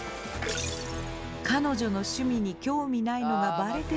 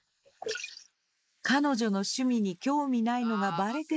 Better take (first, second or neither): first